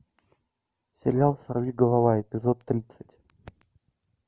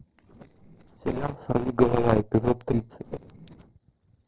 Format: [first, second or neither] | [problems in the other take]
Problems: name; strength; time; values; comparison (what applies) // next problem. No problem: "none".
first | noise reduction (neural separator model SepFormer DNS4)